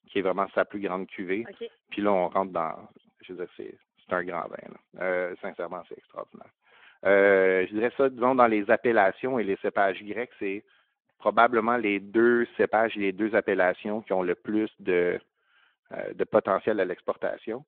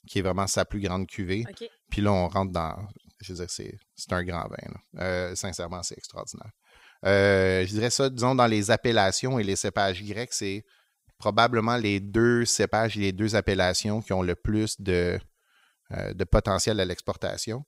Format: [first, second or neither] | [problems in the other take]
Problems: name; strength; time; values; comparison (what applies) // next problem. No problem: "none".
second | phone-call audio